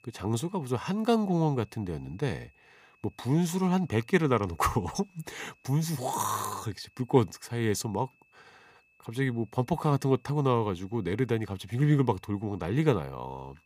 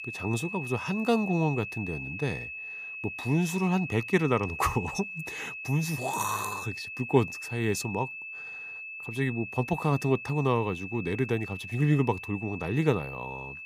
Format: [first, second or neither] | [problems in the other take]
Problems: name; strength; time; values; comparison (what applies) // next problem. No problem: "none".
first | high-pitched whine; loud; throughout; 2.5 kHz, 8 dB below the speech; faint in the first